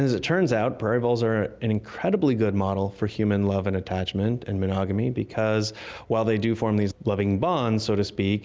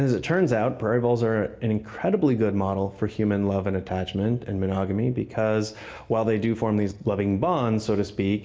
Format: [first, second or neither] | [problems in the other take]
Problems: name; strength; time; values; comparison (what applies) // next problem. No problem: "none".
first | room echo; dies away in 0.8 s